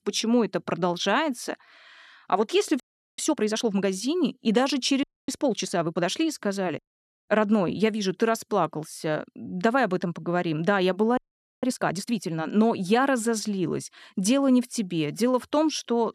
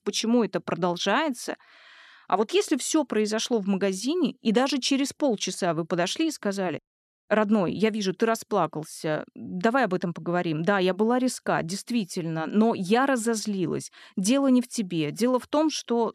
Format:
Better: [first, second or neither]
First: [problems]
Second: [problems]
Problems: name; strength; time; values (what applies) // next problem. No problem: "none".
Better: second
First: audio freezing; at 3 s, at 5 s and at 11 s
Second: none